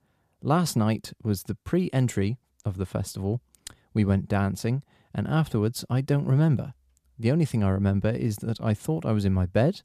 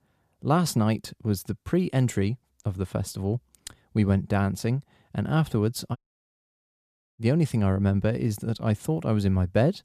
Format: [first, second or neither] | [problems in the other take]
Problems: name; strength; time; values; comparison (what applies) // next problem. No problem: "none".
first | audio cutting out; at 6 s for 1 s